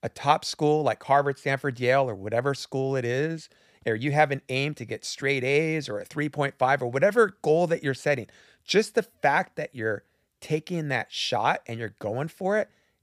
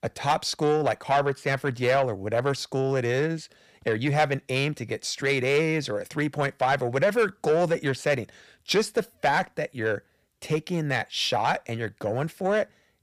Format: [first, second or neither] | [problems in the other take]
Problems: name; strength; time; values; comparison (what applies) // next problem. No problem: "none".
first | distortion; slight; 10 dB below the speech